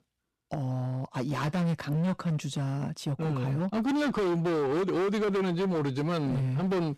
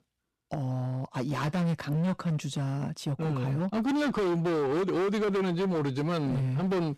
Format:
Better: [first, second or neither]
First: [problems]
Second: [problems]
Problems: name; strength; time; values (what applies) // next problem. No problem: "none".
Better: neither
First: distortion; heavy; 26% of the sound clipped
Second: distortion; heavy; 26% of the sound clipped